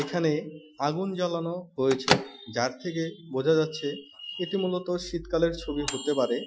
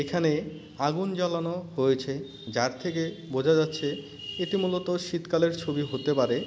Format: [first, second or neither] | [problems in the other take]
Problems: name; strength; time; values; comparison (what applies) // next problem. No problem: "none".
second | noise reduction (classical method Wiener filter)